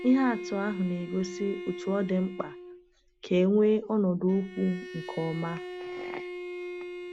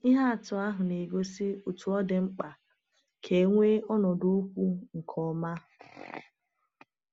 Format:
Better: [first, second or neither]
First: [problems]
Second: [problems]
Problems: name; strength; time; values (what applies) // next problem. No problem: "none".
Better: second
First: background sound (Bowed string instrument); 11 dB below the speech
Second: none